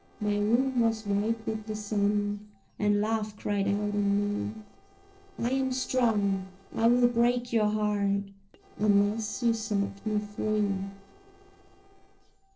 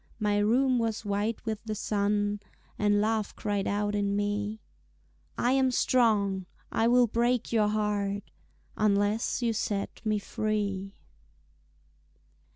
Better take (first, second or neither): second